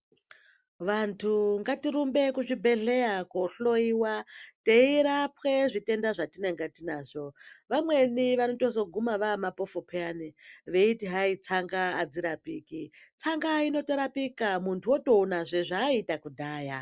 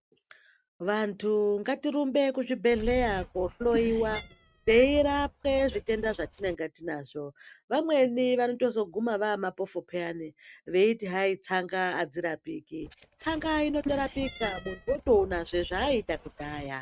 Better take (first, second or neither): first